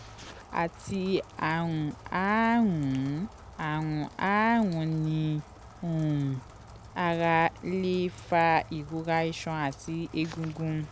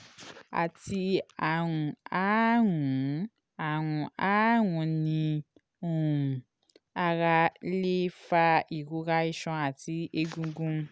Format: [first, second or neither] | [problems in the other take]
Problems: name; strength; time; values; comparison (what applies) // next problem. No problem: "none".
second | background sound (Rain); 19 dB below the speech